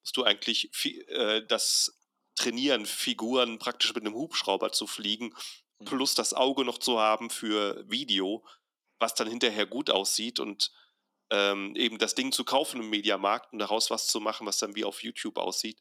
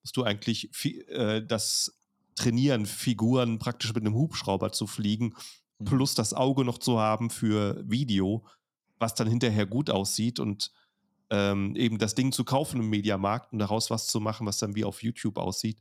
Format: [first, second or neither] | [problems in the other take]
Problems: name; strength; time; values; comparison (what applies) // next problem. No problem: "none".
second | thin; somewhat; fading below 300 Hz